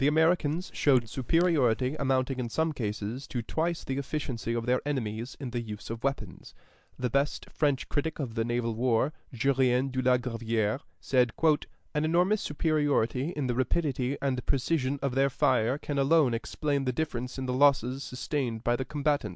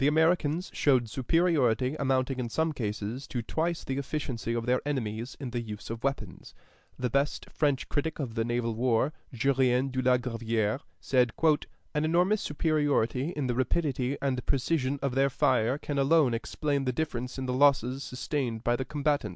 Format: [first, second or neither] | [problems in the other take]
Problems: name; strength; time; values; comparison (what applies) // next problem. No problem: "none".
second | noise reduction (neural mask model Resemble Enhance denoiser)